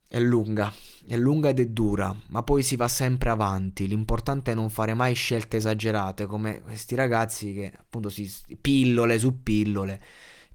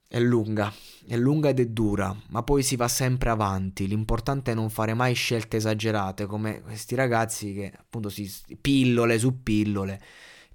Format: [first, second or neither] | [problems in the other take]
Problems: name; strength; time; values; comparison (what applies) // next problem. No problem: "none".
second | garbled, watery; slightly; nothing above 18 kHz